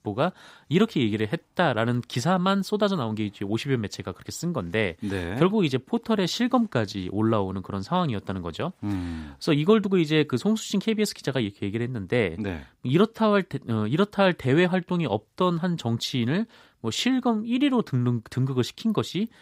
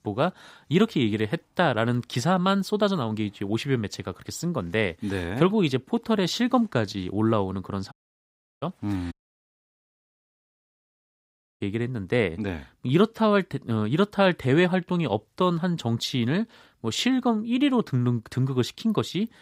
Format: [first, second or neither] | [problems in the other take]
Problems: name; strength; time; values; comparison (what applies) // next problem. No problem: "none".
first | audio cutting out; at 8 s for 0.5 s and at 9 s for 2.5 s